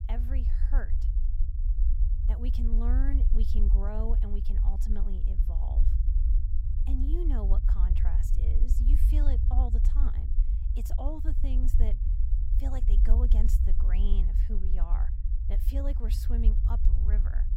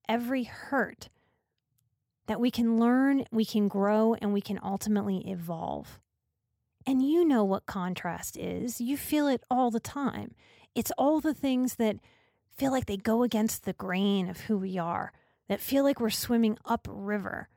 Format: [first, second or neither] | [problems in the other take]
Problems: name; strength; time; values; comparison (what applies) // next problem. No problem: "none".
second | low rumble; loud; throughout; 4 dB below the speech